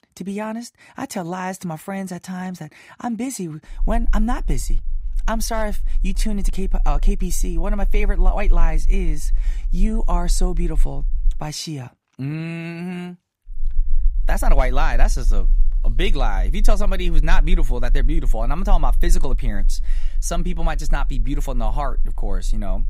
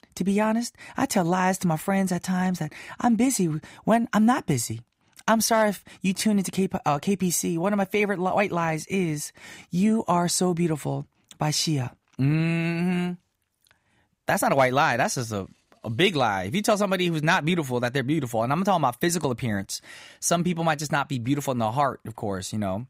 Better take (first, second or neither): second